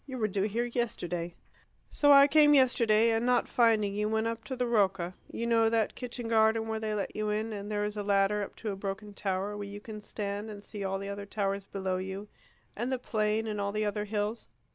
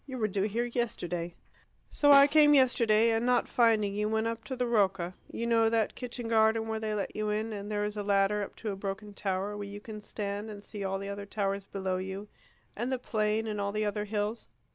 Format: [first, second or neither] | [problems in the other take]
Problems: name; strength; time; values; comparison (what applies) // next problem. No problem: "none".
first | background sound (Snare drum); 18 dB below the speech